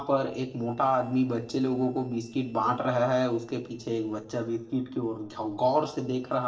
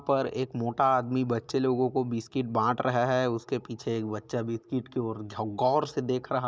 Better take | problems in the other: second | noise reduction (neural separator model SepFormer DNS4)

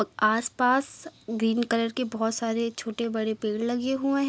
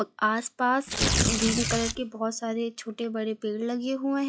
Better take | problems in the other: first | noise reduction (classical method log-MMSE)

